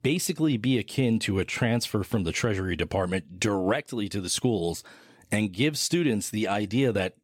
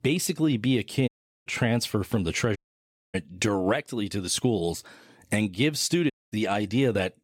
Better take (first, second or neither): first